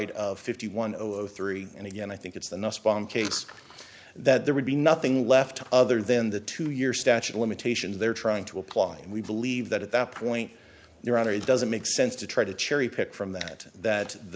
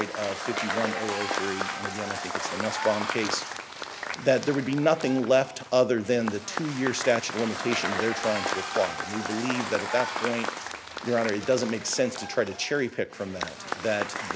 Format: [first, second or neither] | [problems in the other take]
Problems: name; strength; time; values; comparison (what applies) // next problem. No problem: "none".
first | background sound (Applause / Crowd / Cheering); 5 dB below the speech